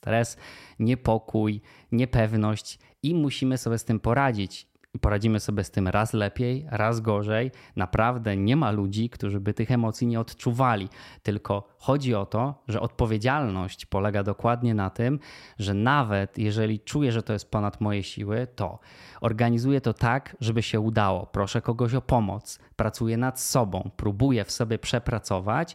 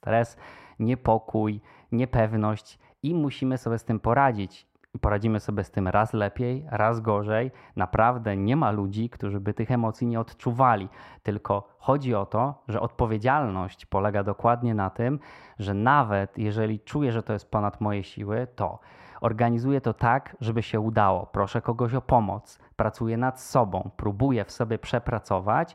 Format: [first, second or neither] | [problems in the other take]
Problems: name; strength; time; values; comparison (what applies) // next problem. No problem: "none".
first | muffled; very; fading above 3 kHz